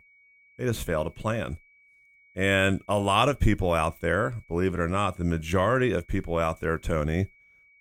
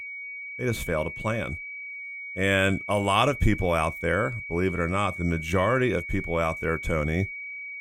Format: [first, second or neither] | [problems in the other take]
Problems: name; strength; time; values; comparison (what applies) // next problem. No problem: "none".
first | high-pitched whine; loud; throughout; 2.5 kHz, 9 dB below the speech; faint in the first